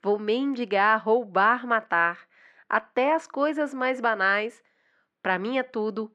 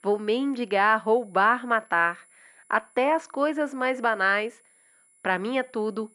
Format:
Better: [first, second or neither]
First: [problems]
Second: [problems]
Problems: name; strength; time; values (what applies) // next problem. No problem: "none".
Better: first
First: none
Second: high-pitched whine; faint; throughout; 10.5 kHz, 35 dB below the speech